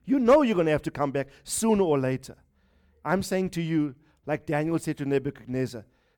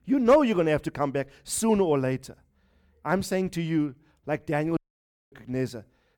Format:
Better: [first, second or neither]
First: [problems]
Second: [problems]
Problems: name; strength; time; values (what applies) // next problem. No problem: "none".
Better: first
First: none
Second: audio cutting out; at 5 s for 0.5 s